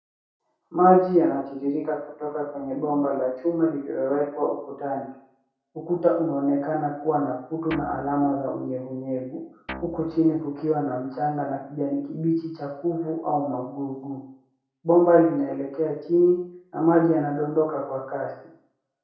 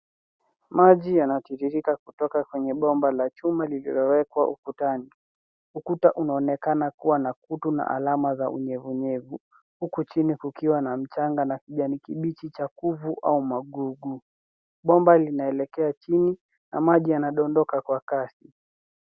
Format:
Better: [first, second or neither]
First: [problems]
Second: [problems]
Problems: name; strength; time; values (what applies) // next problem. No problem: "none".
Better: second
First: background sound (Guitar); 15 dB below the speech // room echo; dies away in 0.5 s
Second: none